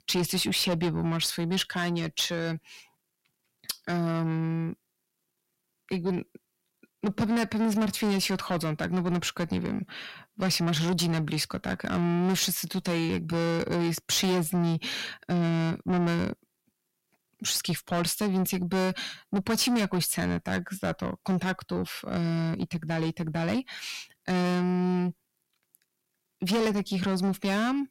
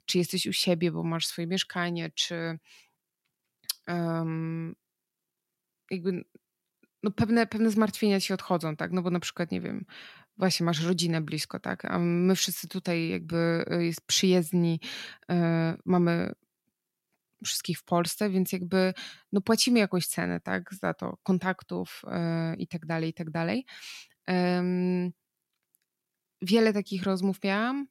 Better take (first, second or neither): second